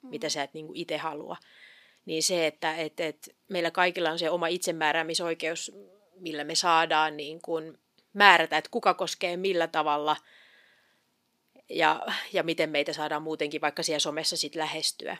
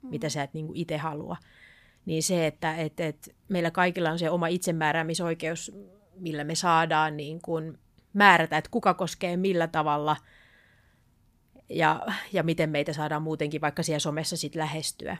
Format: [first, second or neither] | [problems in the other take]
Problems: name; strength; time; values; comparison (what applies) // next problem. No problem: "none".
second | thin; somewhat; fading below 350 Hz